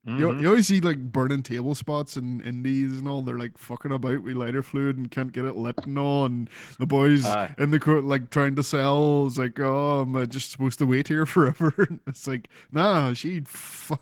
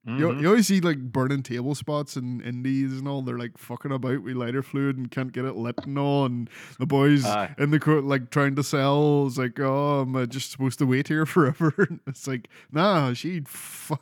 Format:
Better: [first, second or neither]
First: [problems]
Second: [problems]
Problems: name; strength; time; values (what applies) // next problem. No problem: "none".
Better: second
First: garbled, watery; slightly; nothing above 18 kHz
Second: none